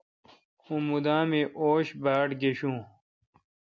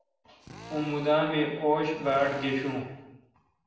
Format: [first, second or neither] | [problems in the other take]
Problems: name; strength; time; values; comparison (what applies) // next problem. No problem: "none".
first | background sound (Drill); 19 dB below the speech // room echo; dies away in 0.9 s